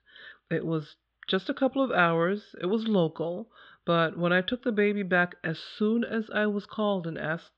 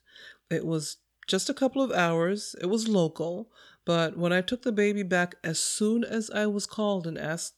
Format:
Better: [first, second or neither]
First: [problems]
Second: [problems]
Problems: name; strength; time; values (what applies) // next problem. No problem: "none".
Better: second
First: muffled; very; fading above 3.5 kHz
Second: none